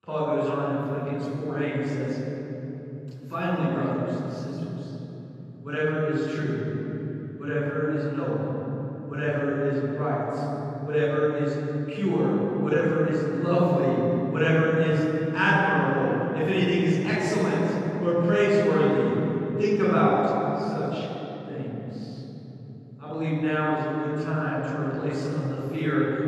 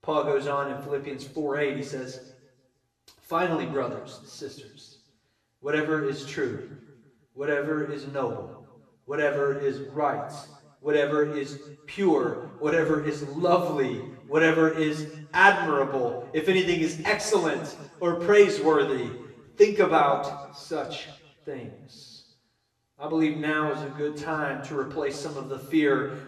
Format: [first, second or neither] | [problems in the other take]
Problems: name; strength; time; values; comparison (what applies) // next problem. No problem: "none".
second | room echo; strong; dies away in 3 s; slight in the second // off-mic speech; far; far in the second